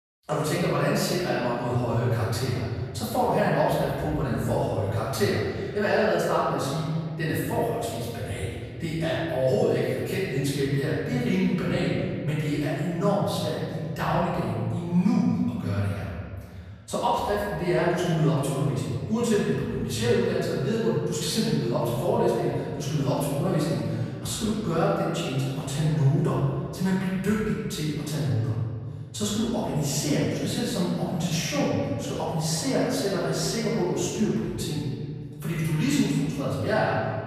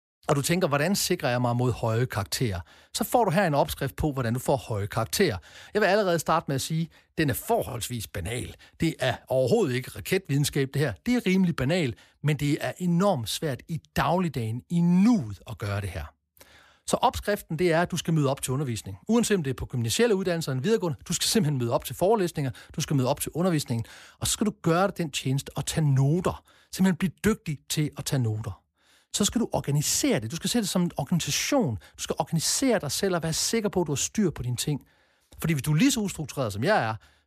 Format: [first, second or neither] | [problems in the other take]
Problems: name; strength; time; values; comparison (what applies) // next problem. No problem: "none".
second | room echo; strong; dies away in 2.1 s // off-mic speech; far